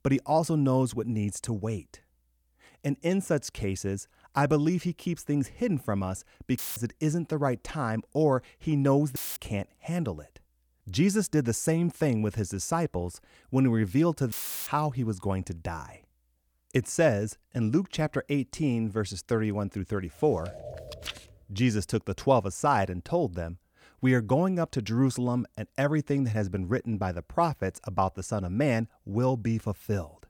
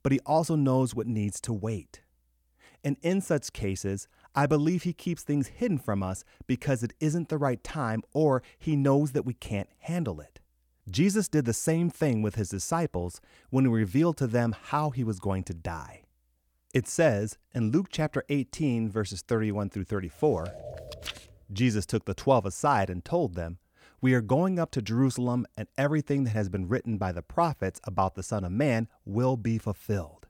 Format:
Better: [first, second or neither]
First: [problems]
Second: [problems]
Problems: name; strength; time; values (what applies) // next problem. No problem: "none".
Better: second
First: audio cutting out; filled with static; at 6.5 s, at 9 s and at 14 s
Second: none